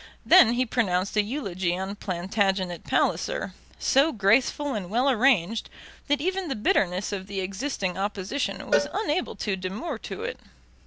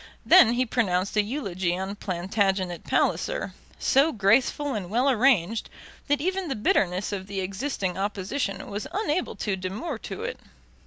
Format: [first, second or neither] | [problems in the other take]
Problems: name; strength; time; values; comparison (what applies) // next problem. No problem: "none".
second | background sound (Cowbell); 7 dB below the speech